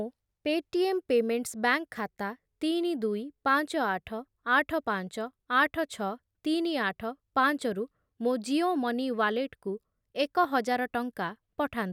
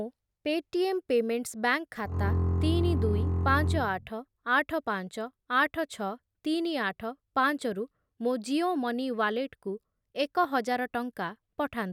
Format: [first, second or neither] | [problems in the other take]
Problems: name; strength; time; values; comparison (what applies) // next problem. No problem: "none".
first | background sound (Bowed string instrument); 3 dB above the speech